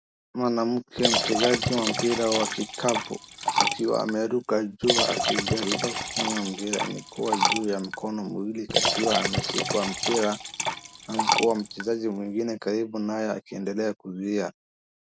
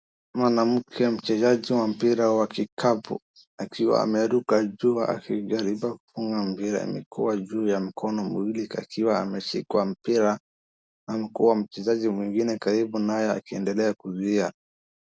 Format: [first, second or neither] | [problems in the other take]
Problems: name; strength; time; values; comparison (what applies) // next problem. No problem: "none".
second | background sound (Liquid); as loud as the speech